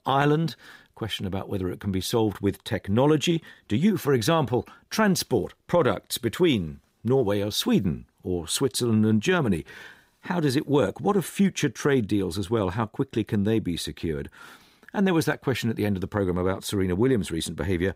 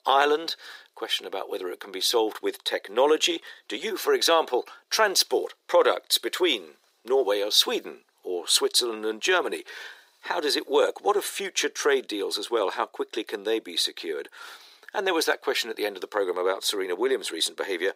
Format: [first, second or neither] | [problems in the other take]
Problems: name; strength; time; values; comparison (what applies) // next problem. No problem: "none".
first | thin; very; fading below 400 Hz